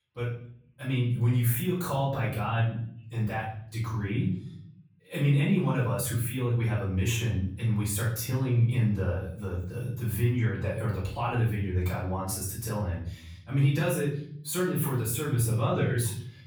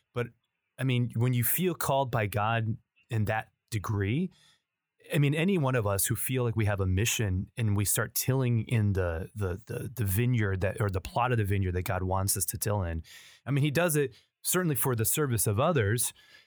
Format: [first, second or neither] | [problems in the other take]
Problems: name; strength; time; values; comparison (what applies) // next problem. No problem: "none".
second | off-mic speech; far // room echo; noticeable; dies away in 0.8 s